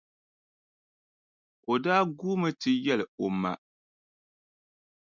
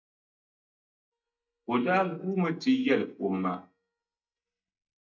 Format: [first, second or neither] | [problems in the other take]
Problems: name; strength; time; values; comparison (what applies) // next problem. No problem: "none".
first | noise reduction (neural mask model DeepFilterNet 3)